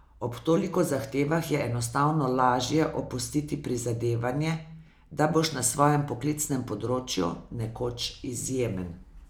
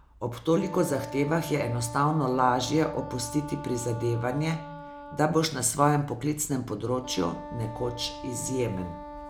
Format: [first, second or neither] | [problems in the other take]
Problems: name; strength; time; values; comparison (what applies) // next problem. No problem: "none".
first | background sound (Wind instrument, woodwind instrument); 14 dB below the speech